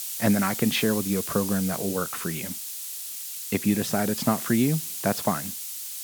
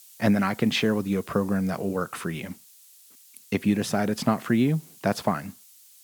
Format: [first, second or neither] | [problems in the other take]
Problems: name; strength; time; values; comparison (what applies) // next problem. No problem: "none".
second | hiss; loud; throughout; 5 dB below the speech; faint in the second